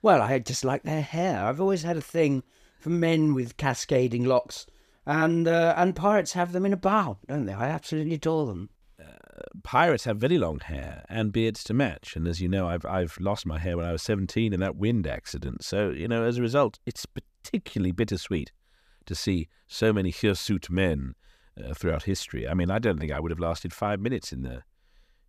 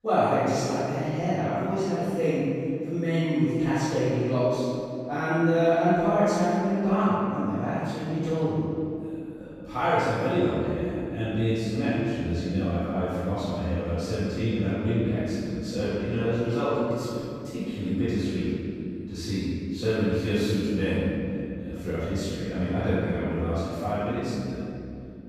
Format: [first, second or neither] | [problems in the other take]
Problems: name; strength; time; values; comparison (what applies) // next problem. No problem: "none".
first | off-mic speech; far // room echo; strong; dies away in 2.7 s